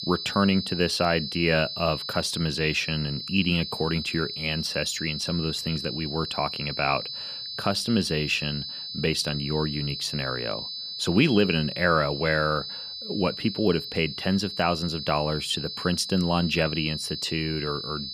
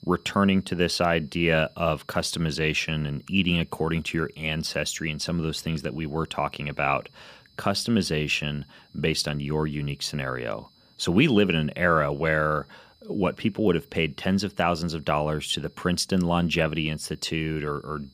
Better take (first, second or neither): second